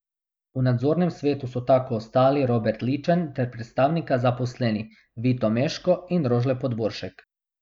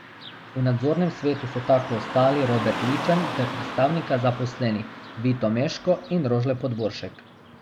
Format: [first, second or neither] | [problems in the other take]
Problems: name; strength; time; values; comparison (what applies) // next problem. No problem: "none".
first | background sound (Car passing by / Traffic noise, roadway noise); 10 dB below the speech